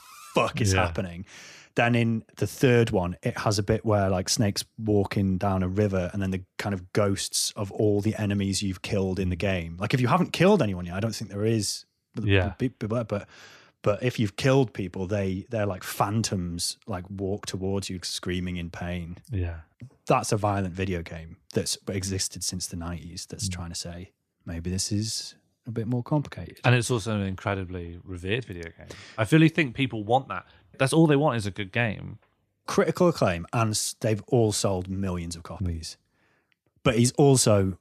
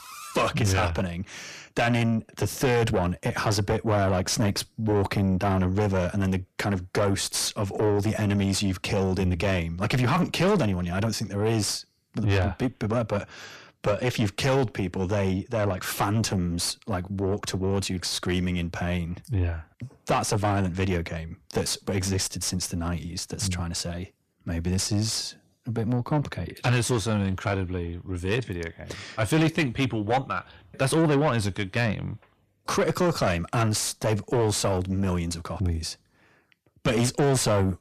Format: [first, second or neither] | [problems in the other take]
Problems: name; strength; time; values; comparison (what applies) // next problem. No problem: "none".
first | distortion; heavy; 6 dB below the speech